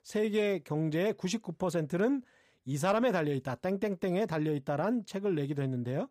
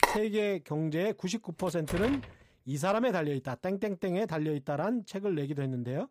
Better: first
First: none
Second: phone ringing; loud; at the start; peak 4 dB above the speech // door banging; noticeable; at 1.5 s; peak 6 dB below the speech

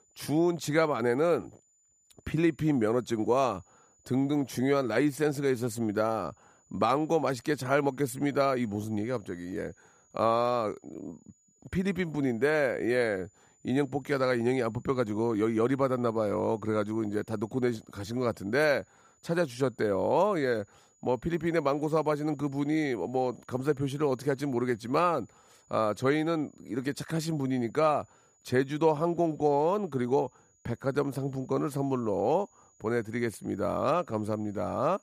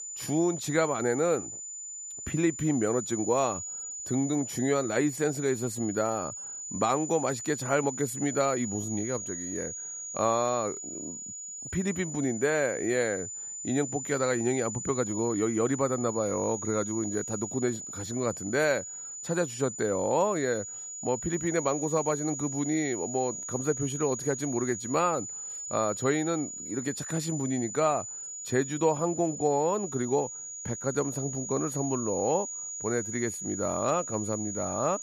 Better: first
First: high-pitched whine; faint; throughout; 7 kHz, 35 dB below the speech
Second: high-pitched whine; loud; throughout; 7 kHz, 6 dB below the speech

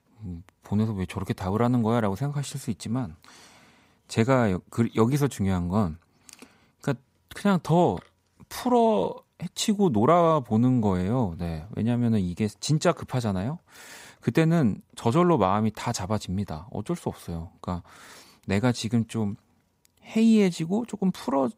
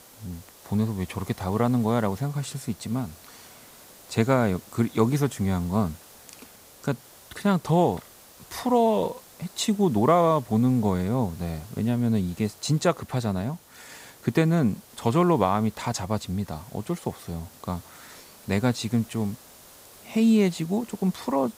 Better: first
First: none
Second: hiss; faint; throughout; 20 dB below the speech

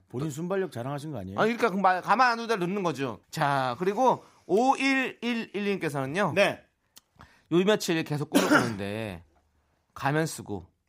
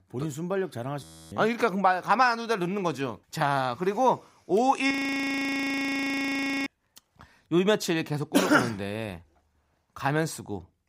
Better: first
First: none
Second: audio freezing; at 1 s and at 5 s for 2 s

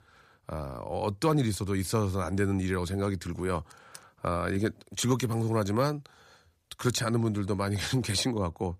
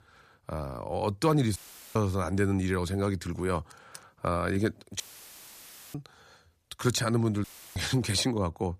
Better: first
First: none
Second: audio cutting out; filled with static; at 1.5 s, at 5 s for 1 s and at 7.5 s

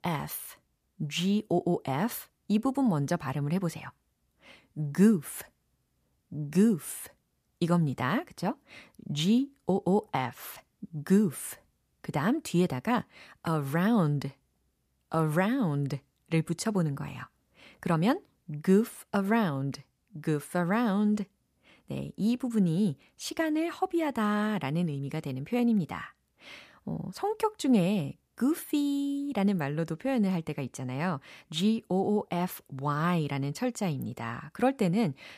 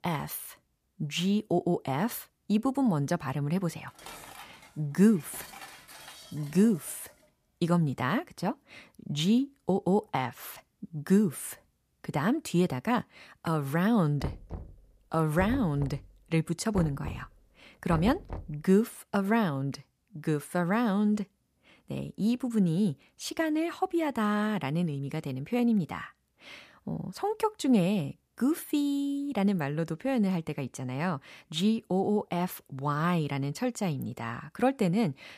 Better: first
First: none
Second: clattering dishes; faint; from 3.5 to 7.5 s; peak 15 dB below the speech // door banging; noticeable; from 14 to 19 s; peak 9 dB below the speech

